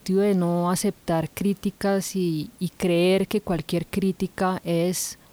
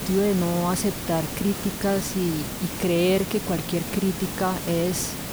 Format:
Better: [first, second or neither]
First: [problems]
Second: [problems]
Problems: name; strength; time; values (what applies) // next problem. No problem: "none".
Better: first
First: hiss; faint; throughout; 30 dB below the speech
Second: hiss; loud; throughout; 6 dB below the speech